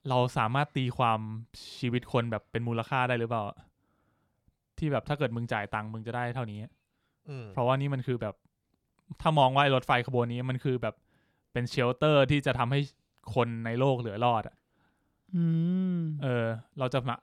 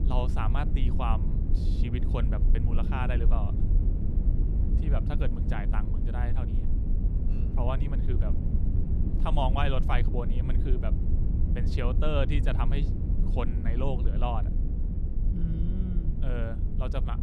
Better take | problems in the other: first | low rumble; loud; throughout; 7 dB below the speech

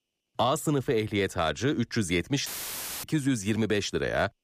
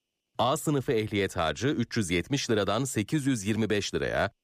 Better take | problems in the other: second | audio cutting out; filled with static; at 2.5 s for 0.5 s

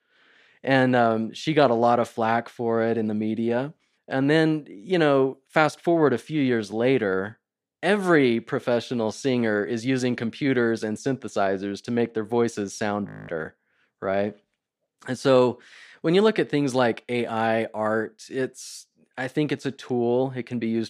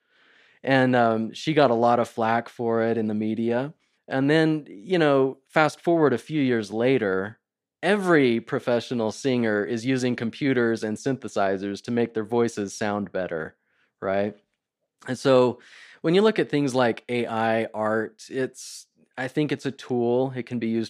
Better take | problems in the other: second | audio freezing; at 13 s

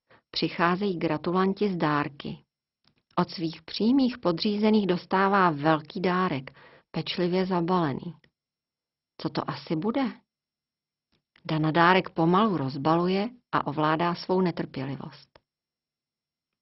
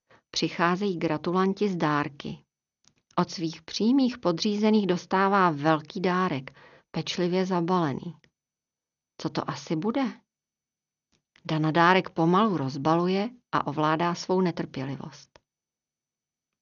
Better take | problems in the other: second | garbled, watery; badly; nothing above 5.5 kHz; slightly in the second

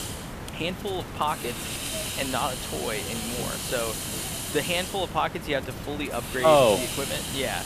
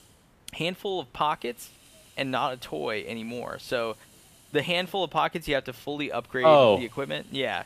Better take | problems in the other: second | hiss; loud; throughout; 4 dB below the speech; faint in the second

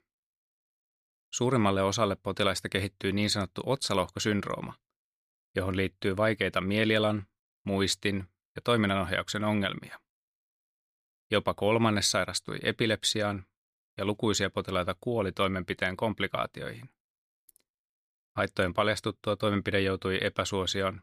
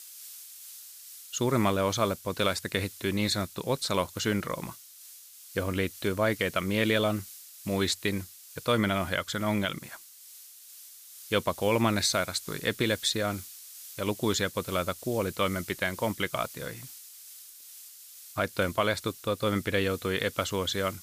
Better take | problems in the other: first | hiss; noticeable; throughout; 15 dB below the speech

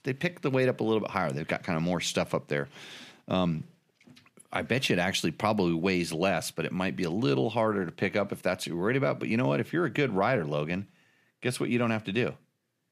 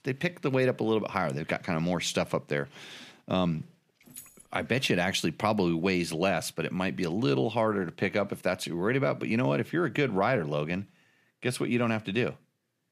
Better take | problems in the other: first | jangling keys; faint; at 4 s; peak 20 dB below the speech

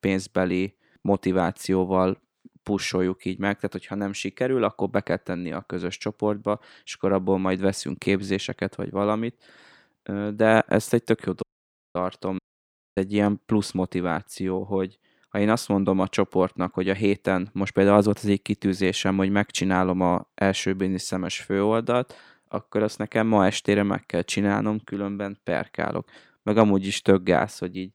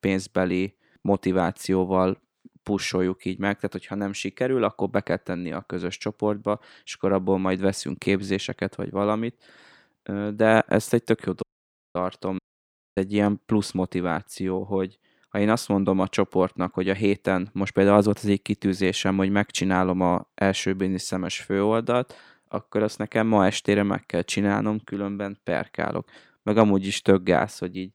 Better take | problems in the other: neither | audio cutting out; at 11 s for 0.5 s and at 12 s for 0.5 s; the same in both

